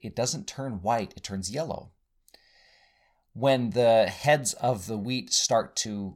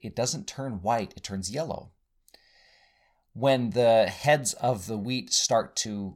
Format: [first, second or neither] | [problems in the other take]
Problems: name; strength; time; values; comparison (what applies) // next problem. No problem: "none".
neither | none